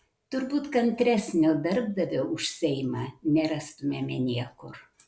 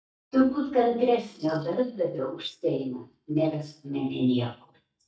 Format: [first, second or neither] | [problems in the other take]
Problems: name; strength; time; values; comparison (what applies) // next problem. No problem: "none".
first | noise reduction (neural mask model DeepFilterNet 3)